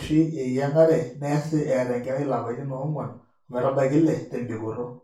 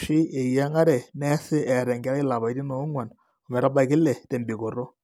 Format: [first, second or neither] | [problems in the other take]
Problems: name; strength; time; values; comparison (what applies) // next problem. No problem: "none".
second | room echo; dies away in 0.3 s